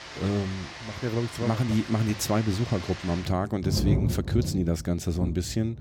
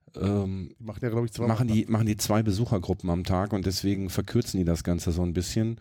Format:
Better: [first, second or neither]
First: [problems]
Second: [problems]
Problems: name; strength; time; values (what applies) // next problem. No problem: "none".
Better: second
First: rain or running water; loud; throughout; 6 dB below the speech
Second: none